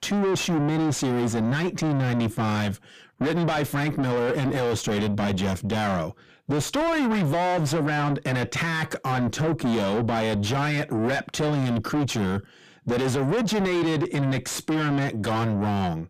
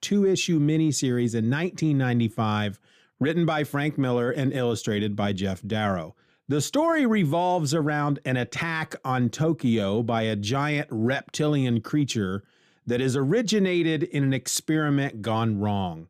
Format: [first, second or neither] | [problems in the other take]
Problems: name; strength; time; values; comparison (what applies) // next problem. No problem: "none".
second | distortion; heavy; 6 dB below the speech